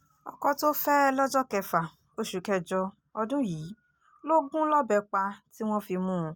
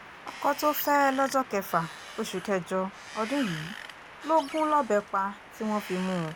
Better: first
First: none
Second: background sound (Wind); 14 dB below the speech

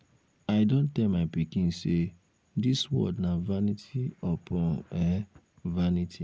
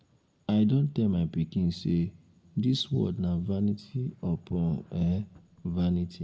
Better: first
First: none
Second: room echo; dies away in 0.9 s

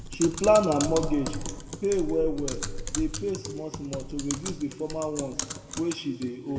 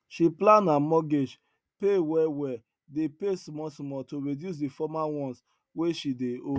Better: second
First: background sound (Typing); 6 dB below the speech // room echo; dies away in 1.6 s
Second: none

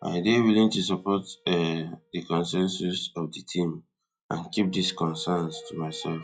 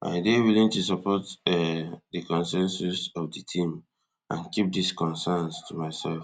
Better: second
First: noise reduction (classical method log-MMSE)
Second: none

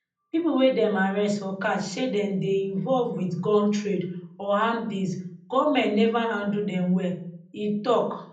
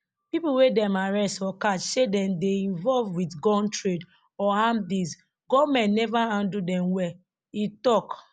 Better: second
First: room echo; dies away in 0.6 s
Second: none

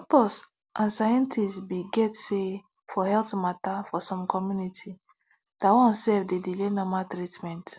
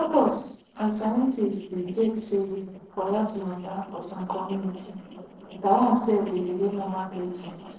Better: first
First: none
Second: noise reduction (neural separator model SepFormer DNS4)

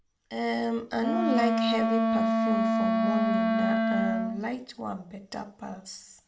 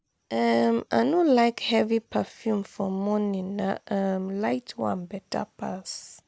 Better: second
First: background sound (Wind instrument, woodwind instrument); 4 dB above the speech // room echo; dies away in 0.3 s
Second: none

